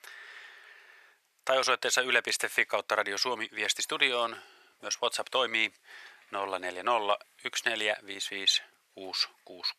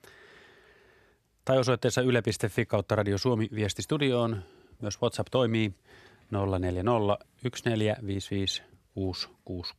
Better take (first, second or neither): second